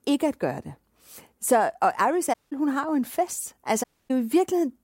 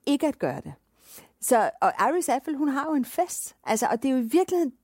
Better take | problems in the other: second | audio cutting out; at 2.5 s and at 4 s

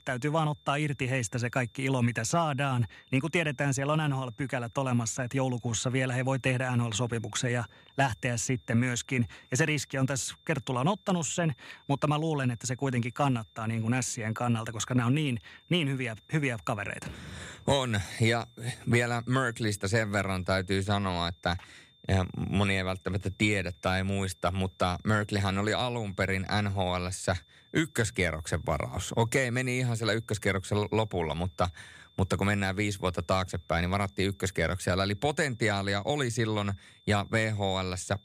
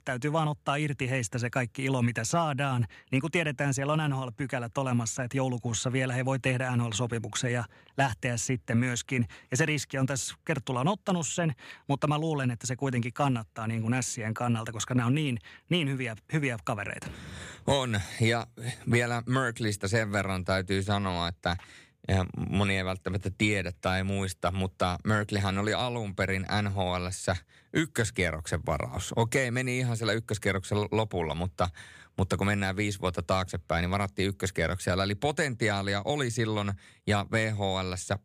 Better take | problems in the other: second | high-pitched whine; faint; throughout; 3.5 kHz, 30 dB below the speech

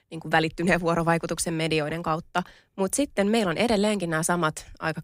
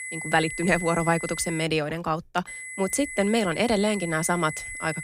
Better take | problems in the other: first | high-pitched whine; loud; until 1.5 s and from 2.5 s on; 2 kHz, 9 dB below the speech

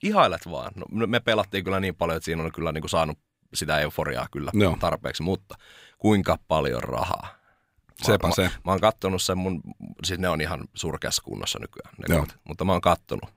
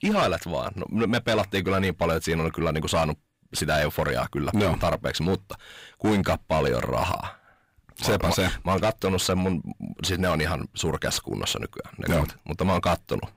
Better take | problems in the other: first | distortion; heavy; 7 dB below the speech

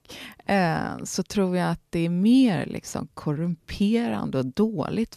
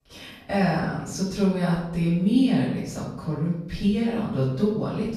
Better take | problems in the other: first | off-mic speech; far // room echo; noticeable; dies away in 0.7 s

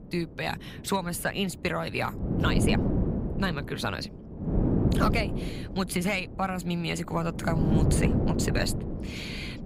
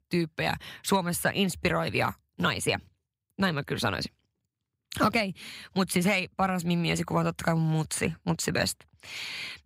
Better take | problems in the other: second | wind noise on the microphone; heavy; 4 dB below the speech

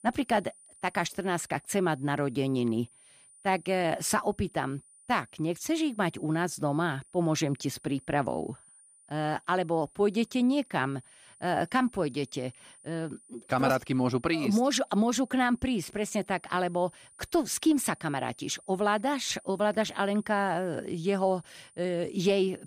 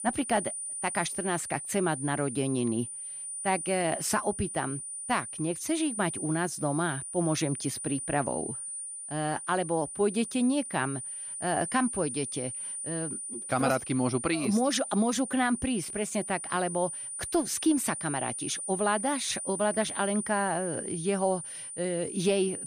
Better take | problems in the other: first | high-pitched whine; loud; throughout; 9.5 kHz, 5 dB below the speech; faint in the first

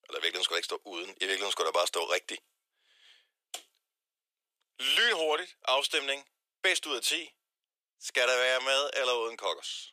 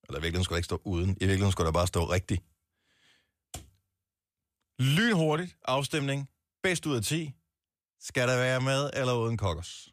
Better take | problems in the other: second | thin; very; fading below 400 Hz

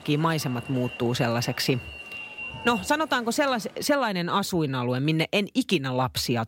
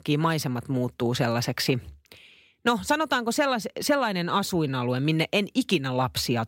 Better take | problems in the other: second | alarm; noticeable; until 4 s; peak 7 dB below the speech

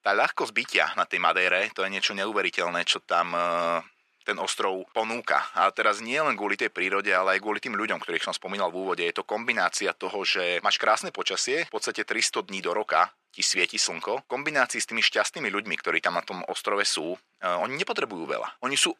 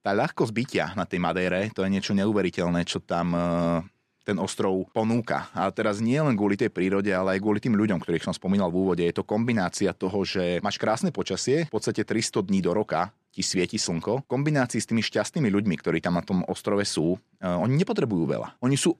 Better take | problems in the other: second | thin; very; fading below 600 Hz

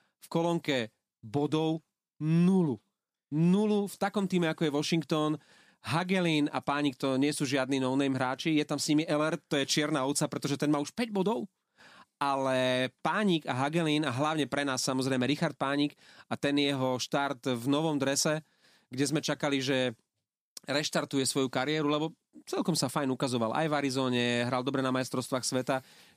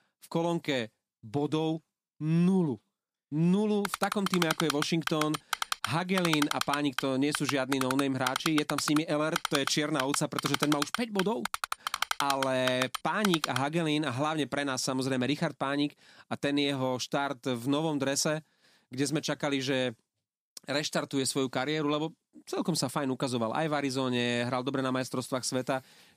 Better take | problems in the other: first | keyboard typing; noticeable; from 4 to 14 s; peak 1 dB below the speech

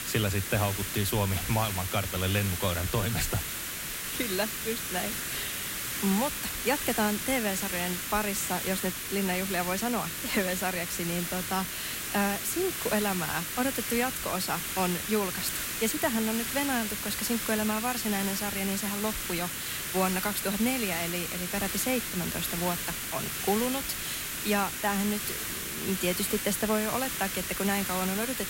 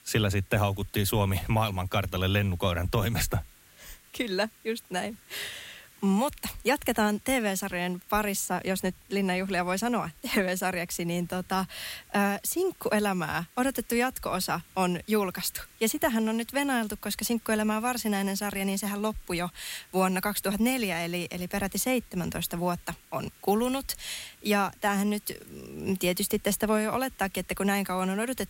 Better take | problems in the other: second | hiss; loud; throughout; 1 dB below the speech; faint in the second

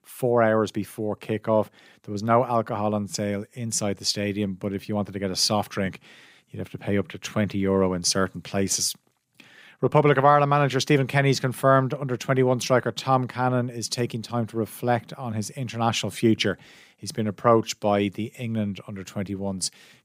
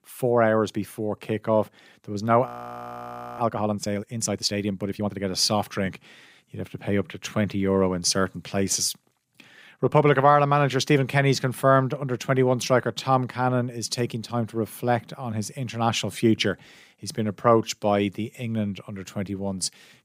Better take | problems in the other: first | audio freezing; at 2.5 s for 1 s

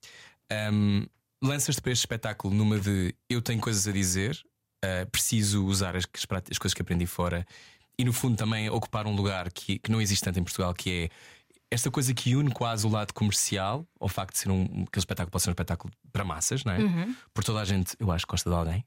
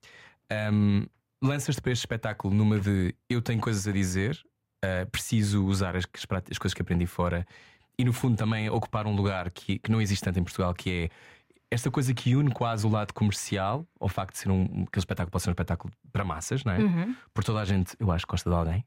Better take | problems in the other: first | muffled; slightly; fading above 3.5 kHz

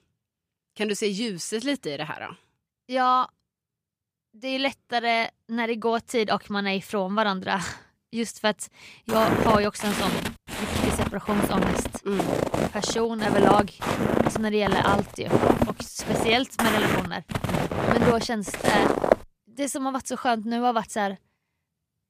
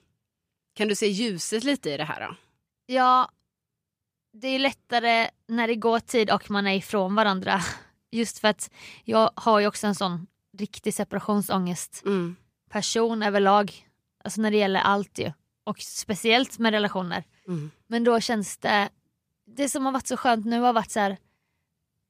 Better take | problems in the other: second | footsteps; loud; from 9 to 19 s; peak 6 dB above the speech

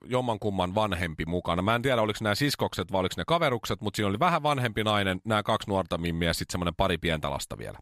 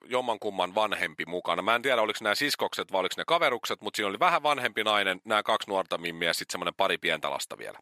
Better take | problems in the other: first | thin; somewhat; fading below 400 Hz

